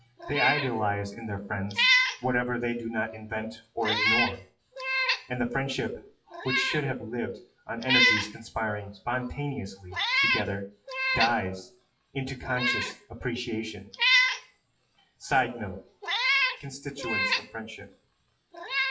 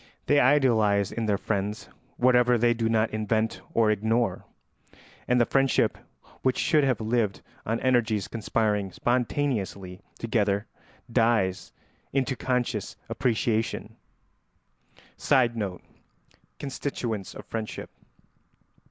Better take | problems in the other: second | noise reduction (classical method WPE with log-MMSE)

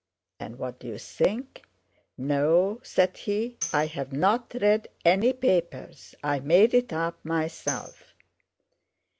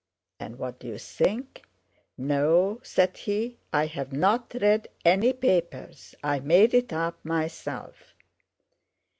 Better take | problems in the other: second | background sound (Tambourine); 14 dB below the speech

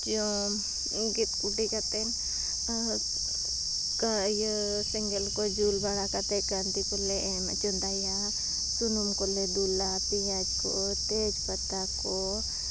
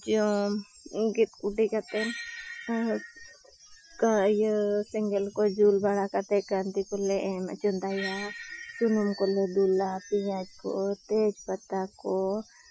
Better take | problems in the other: first | noise reduction (classical method Wiener filter)

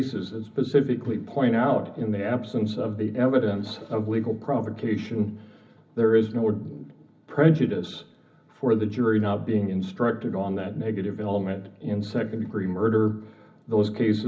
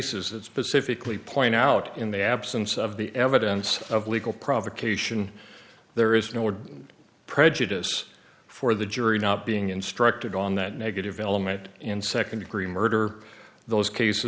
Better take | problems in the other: second | room echo; dies away in 0.4 s

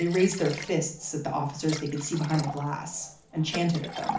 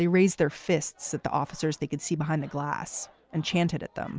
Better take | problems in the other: second | background sound (Liquid); 11 dB below the speech // room echo; dies away in 0.4 s

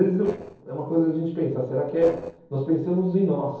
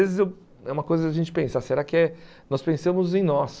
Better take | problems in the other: second | noise reduction (neural separator model SepFormer DNS4)

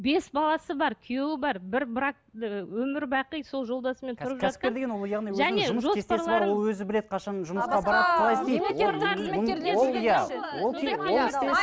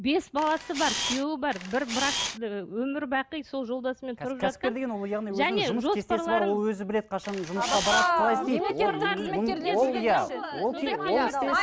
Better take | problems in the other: first | background sound (Camera); 5 dB below the speech

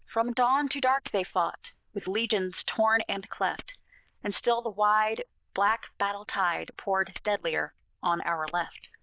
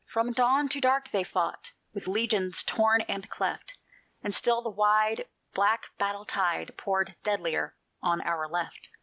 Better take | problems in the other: second | noise reduction (neural diffusion model UNIVERSE++)

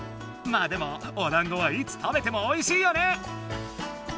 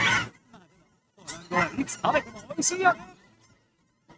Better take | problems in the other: first | noise reduction (neural mask model RNNoise)

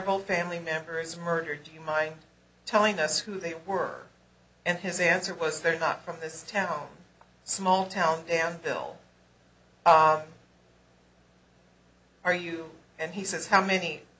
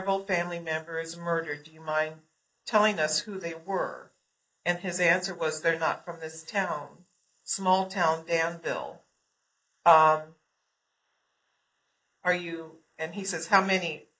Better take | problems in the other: first | noise reduction (neural mask model Resemble Enhance denoiser)

